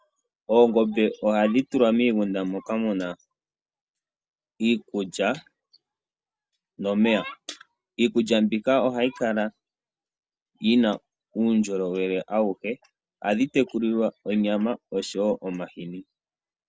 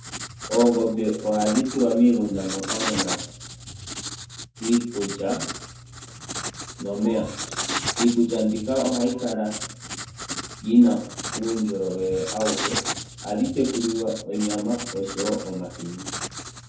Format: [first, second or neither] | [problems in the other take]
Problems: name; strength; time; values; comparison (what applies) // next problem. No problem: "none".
first | background sound (Writing); 8 dB below the speech // room echo; dies away in 0.6 s